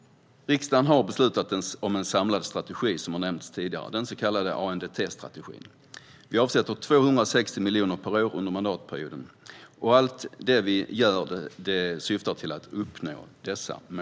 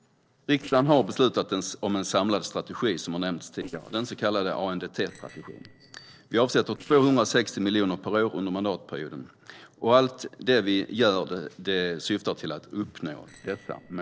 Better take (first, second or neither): first